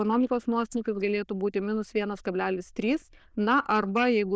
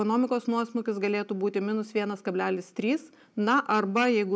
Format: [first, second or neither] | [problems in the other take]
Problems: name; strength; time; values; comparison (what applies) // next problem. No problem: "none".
second | noise reduction (neural diffusion model UNIVERSE++)